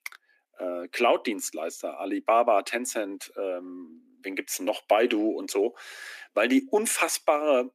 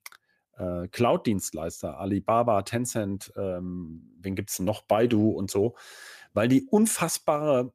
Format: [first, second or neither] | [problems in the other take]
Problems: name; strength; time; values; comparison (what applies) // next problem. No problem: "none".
second | thin; very slightly; fading below 250 Hz